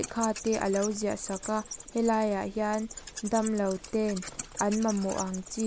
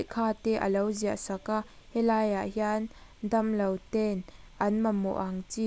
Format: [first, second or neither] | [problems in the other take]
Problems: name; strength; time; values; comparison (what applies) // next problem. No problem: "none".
second | background sound (Wild animals); 12 dB below the speech